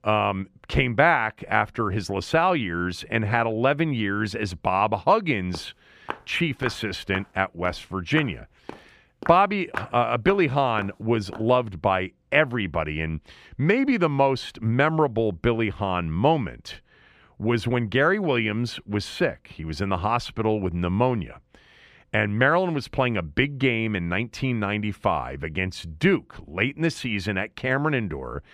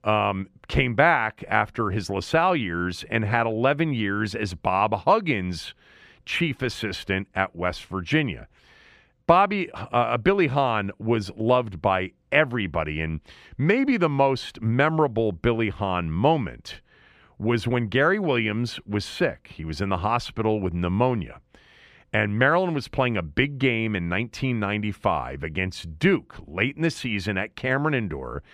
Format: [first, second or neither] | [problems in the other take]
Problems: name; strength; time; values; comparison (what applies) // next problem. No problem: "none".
second | footsteps; faint; from 5.5 to 11 s; peak 10 dB below the speech